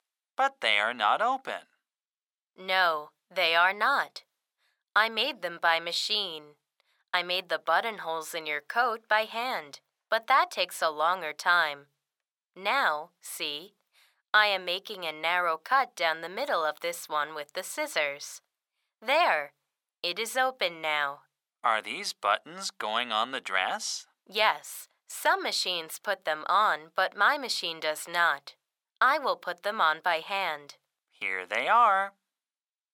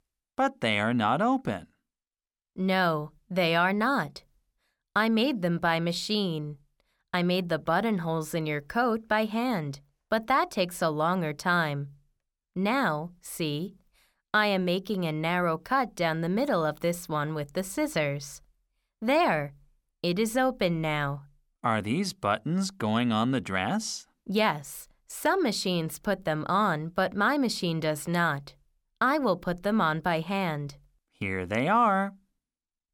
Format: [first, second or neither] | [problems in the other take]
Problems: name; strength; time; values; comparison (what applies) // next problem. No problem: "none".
second | thin; very; fading below 750 Hz